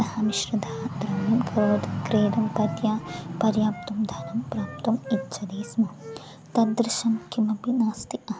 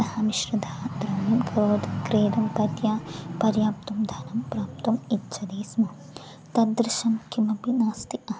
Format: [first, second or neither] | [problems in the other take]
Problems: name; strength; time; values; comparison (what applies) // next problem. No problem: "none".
second | background sound (Wind instrument, woodwind instrument); 17 dB below the speech